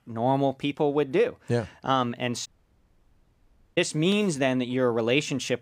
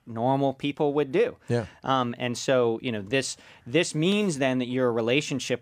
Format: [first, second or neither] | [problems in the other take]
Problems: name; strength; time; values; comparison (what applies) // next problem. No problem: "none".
second | audio cutting out; at 2.5 s for 1.5 s